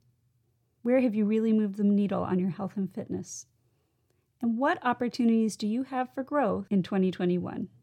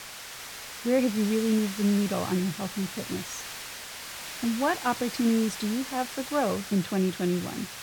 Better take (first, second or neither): first